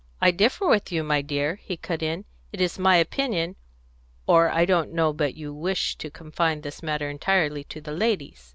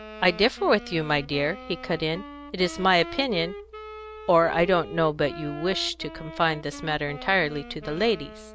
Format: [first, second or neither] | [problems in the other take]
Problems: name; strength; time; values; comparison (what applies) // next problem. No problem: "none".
first | background sound (Wind instrument, woodwind instrument); 15 dB below the speech